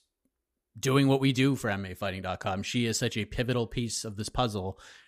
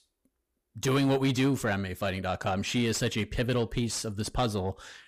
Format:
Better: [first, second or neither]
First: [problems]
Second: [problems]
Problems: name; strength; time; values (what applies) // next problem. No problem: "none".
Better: first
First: none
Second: distortion; slight; 10 dB below the speech